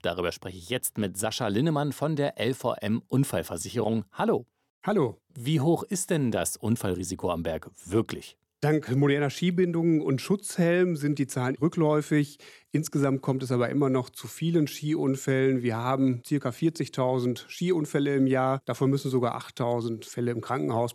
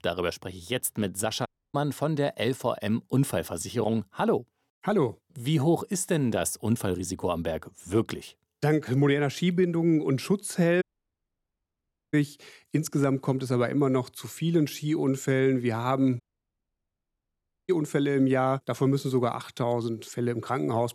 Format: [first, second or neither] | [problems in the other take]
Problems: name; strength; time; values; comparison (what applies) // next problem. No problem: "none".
first | audio cutting out; at 1.5 s, at 11 s for 1.5 s and at 16 s for 1.5 s